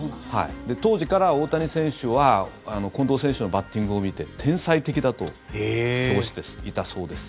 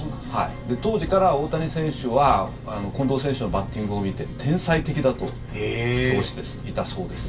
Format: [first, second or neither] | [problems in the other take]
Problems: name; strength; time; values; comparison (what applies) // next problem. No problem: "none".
first | background sound (Engine); 10 dB below the speech // room echo; dies away in 0.2 s